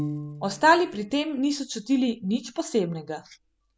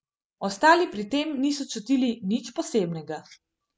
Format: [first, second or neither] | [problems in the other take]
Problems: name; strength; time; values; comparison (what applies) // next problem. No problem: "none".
second | background sound (Piano); 14 dB below the speech